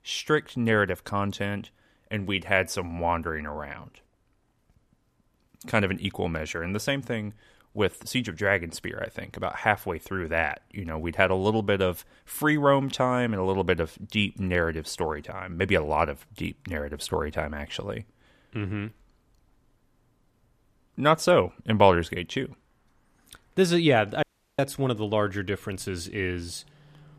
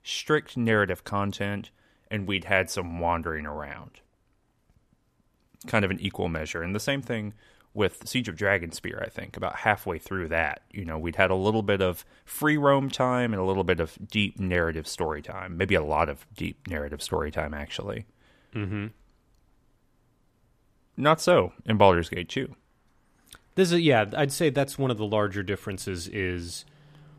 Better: second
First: audio cutting out; at 24 s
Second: none

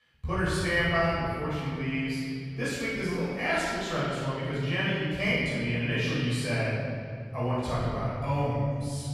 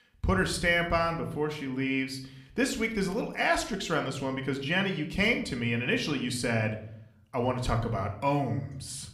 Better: second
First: room echo; strong; dies away in 2.4 s // off-mic speech; far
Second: room echo; slight; dies away in 0.5 s

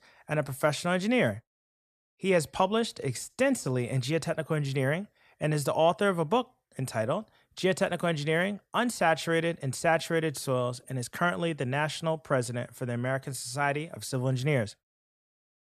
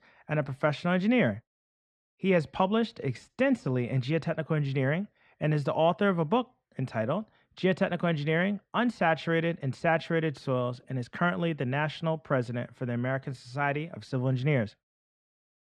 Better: first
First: none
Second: muffled; slightly; fading above 3 kHz

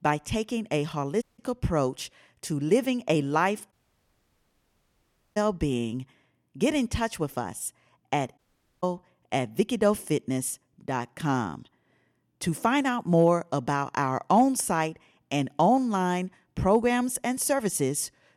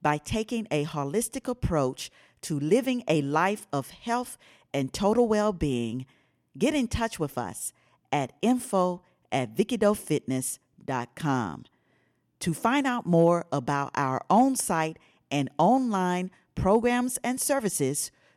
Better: second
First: audio cutting out; at 1 s, at 3.5 s for 1.5 s and at 8.5 s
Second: none

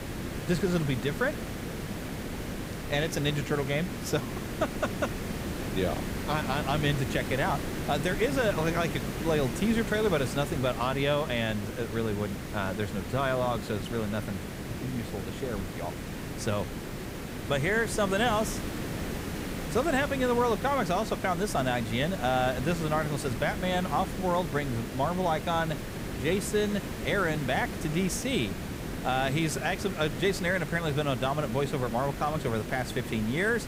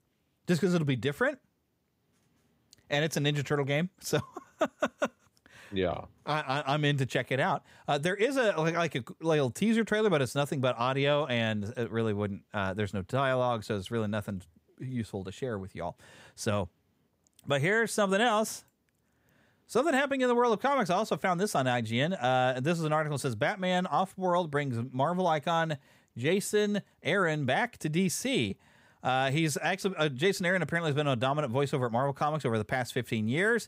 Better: second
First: hiss; loud; throughout; 6 dB below the speech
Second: none

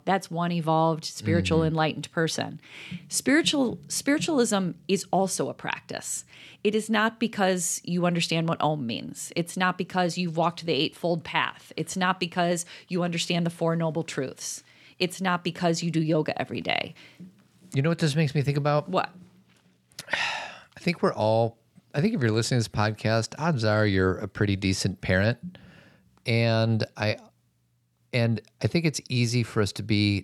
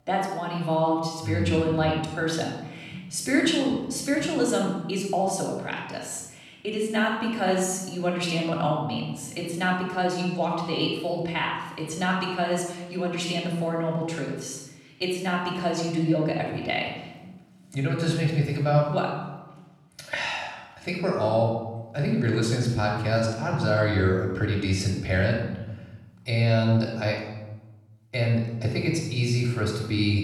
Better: first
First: none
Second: off-mic speech; far // room echo; noticeable; dies away in 0.9 s

